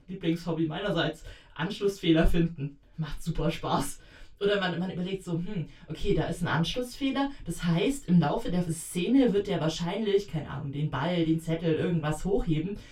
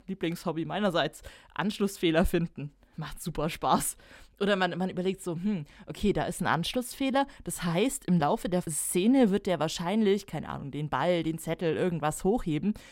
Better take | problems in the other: second | room echo; very slight; dies away in 0.1 s // off-mic speech; far

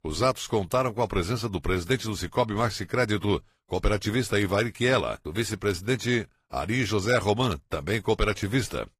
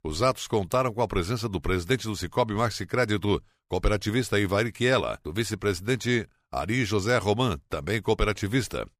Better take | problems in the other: second | garbled, watery; slightly; nothing above 15 kHz

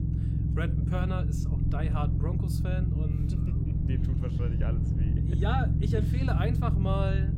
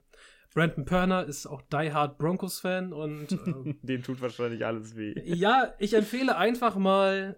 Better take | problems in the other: second | low rumble; loud; throughout; 3 dB below the speech

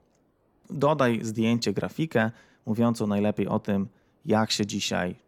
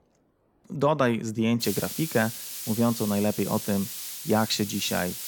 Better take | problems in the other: first | hiss; loud; from 1.5 s on; 7 dB below the speech

